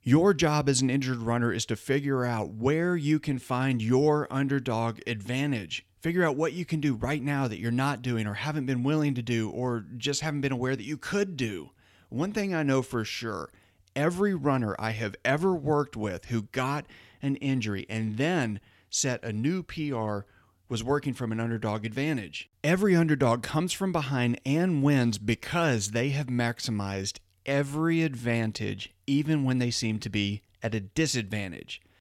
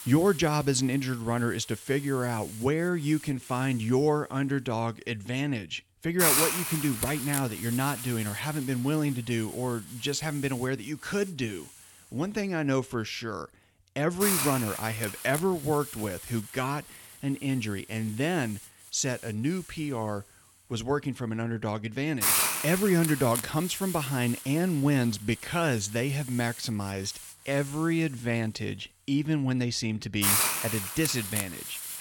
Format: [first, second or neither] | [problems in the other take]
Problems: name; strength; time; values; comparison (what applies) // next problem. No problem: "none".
first | hiss; loud; throughout; 1 dB below the speech